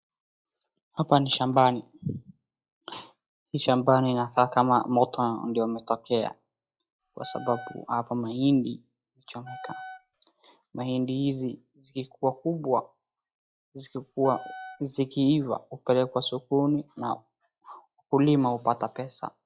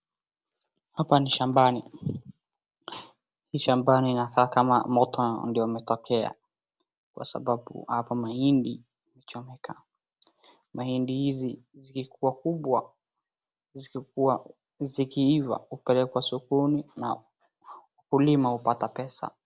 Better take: second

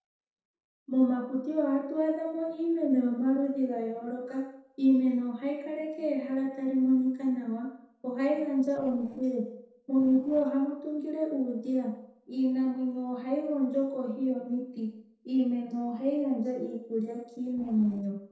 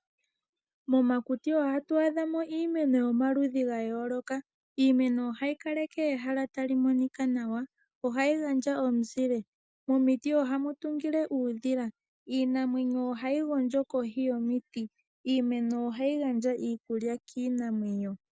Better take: second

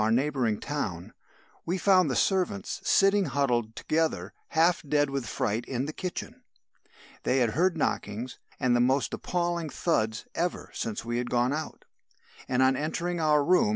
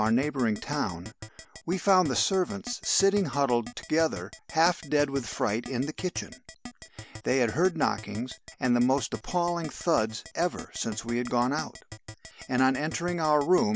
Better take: first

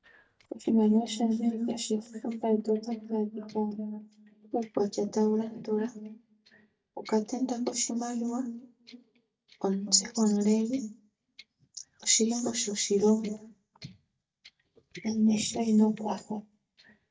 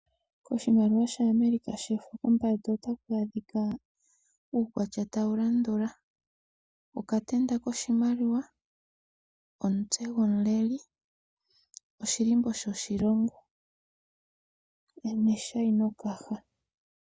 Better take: second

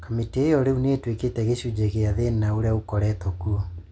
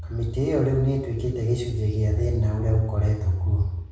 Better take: first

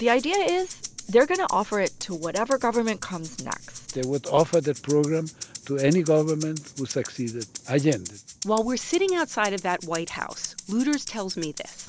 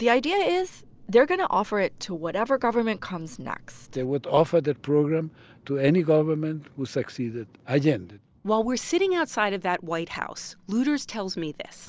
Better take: second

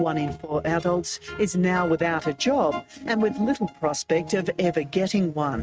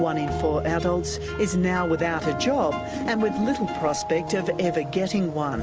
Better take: second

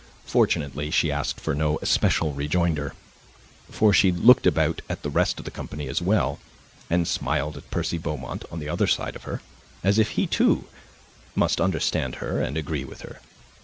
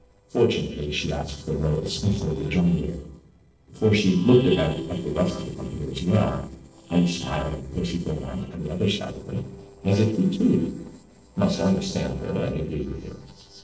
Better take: first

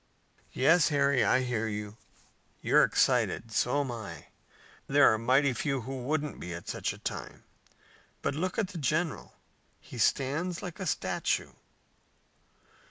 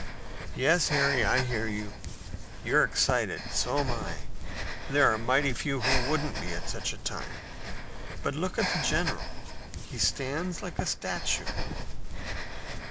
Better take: first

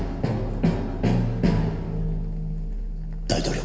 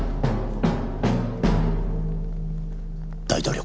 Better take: second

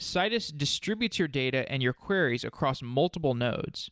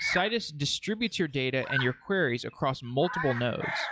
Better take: first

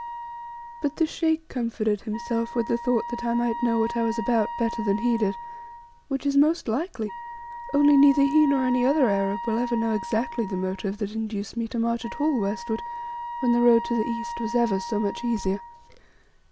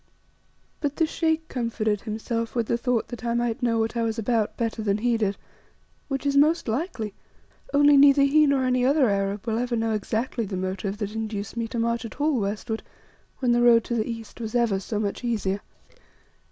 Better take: second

